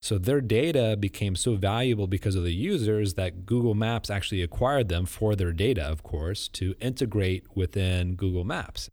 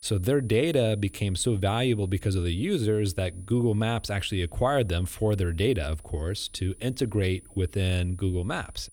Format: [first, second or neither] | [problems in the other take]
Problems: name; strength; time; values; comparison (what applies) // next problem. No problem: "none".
first | high-pitched whine; faint; throughout; 9.5 kHz, 25 dB below the speech